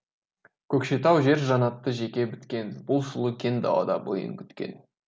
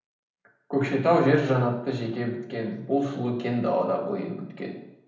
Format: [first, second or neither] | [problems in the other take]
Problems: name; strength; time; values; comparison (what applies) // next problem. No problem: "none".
first | room echo; dies away in 0.8 s